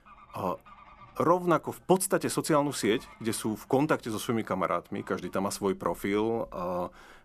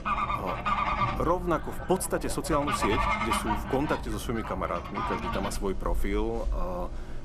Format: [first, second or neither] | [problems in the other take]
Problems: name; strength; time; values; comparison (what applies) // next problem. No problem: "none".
first | animal sounds; loud; throughout; as loud as the speech; faint in the first